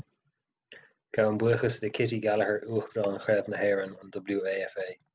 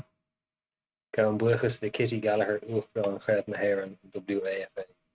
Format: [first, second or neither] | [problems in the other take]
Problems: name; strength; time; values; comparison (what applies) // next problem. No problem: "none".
first | noise reduction (neural mask model RNNoise)